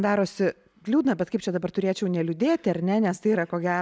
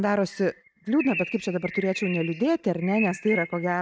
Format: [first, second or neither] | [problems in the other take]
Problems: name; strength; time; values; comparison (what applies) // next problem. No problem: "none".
first | noise reduction (neural mask model RNNoise)